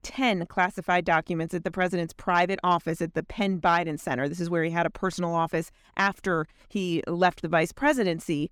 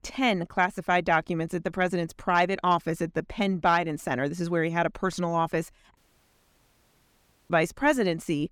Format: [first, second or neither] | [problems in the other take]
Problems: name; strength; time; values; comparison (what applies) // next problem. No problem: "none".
first | audio cutting out; at 6 s for 1.5 s